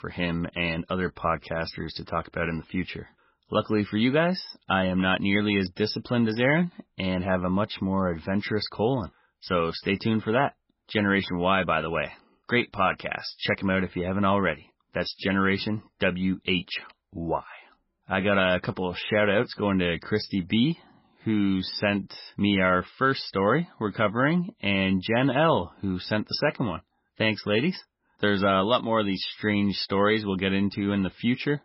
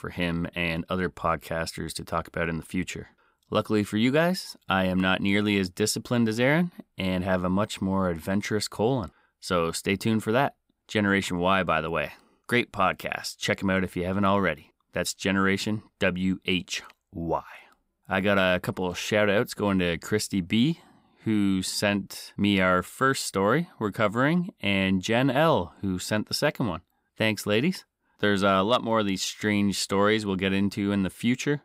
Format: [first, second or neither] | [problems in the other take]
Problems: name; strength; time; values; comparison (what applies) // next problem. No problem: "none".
second | garbled, watery; badly; nothing above 5.5 kHz